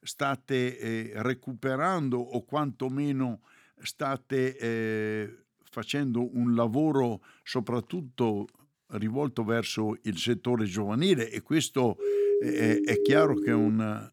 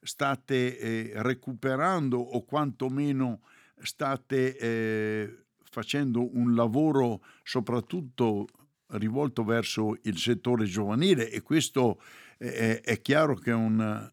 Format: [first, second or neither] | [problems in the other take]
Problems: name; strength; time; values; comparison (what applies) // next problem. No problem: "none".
second | siren; loud; from 12 s on; peak 4 dB above the speech